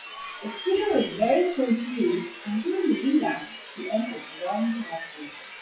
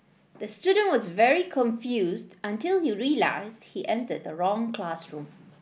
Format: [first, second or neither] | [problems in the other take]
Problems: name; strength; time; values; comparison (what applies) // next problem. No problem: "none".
second | noise reduction (classical method WPE with log-MMSE)